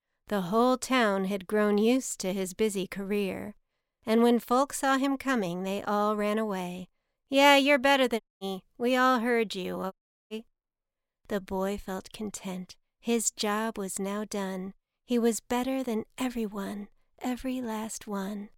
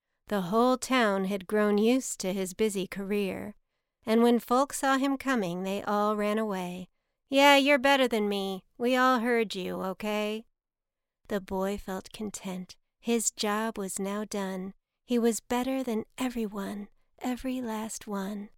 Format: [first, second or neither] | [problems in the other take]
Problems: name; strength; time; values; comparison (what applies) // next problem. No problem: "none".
second | audio cutting out; at 8 s and at 10 s